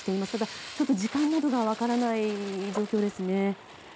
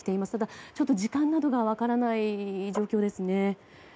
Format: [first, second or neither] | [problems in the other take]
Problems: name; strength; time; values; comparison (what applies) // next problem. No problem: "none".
second | background sound (Fire); 16 dB below the speech